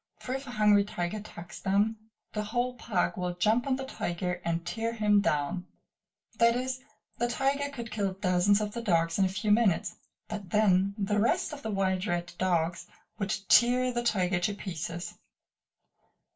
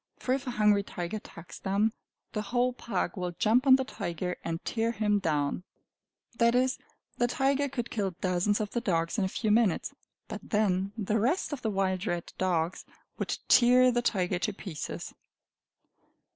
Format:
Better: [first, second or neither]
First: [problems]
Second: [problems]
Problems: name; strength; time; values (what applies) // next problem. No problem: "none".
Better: second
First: room echo; dies away in 0.2 s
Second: none